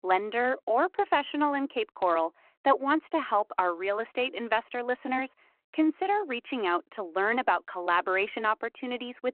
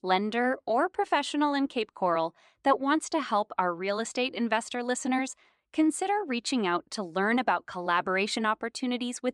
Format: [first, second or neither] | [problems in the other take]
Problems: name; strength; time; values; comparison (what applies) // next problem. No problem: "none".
second | phone-call audio